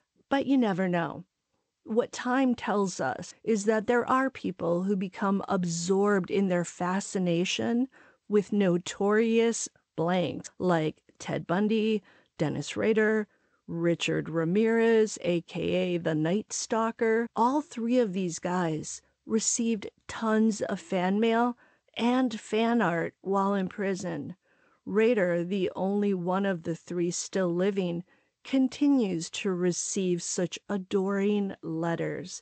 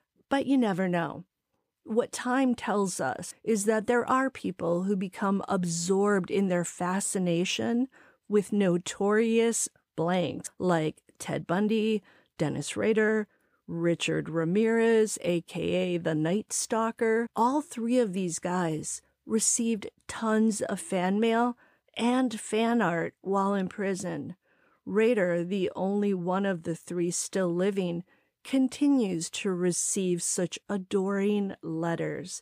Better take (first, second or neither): second